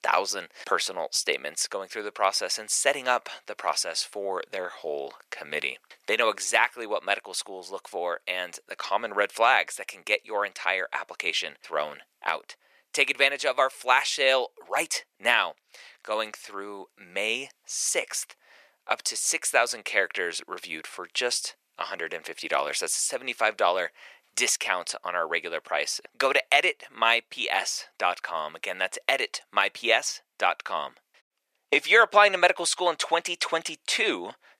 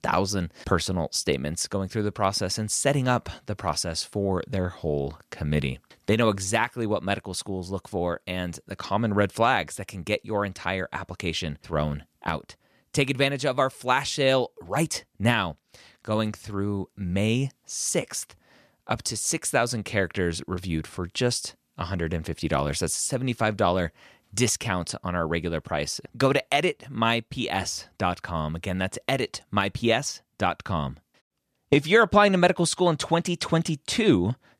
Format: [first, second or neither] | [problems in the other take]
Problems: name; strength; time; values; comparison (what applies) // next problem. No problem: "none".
second | thin; very; fading below 500 Hz